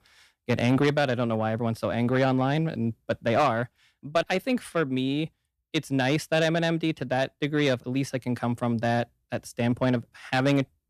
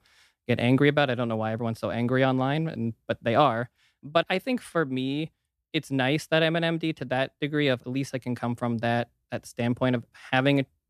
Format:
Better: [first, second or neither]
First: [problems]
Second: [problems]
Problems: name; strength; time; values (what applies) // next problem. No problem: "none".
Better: second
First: distortion; slight; 10 dB below the speech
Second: none